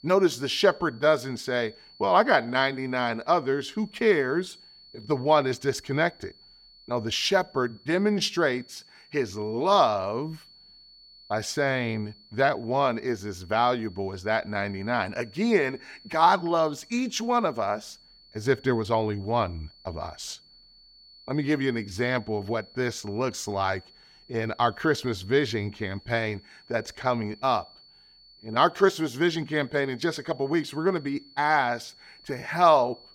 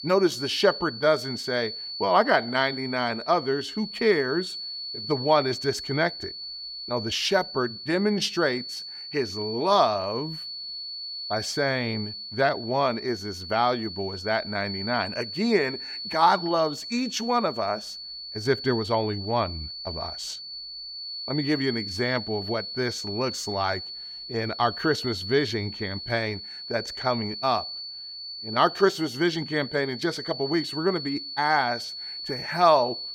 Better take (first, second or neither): first